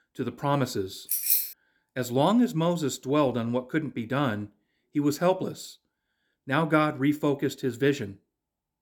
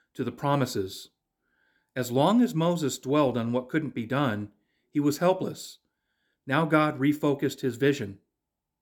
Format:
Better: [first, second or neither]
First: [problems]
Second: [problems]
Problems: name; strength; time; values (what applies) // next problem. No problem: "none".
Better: second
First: jangling keys; loud; at 1 s; peak 4 dB above the speech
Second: none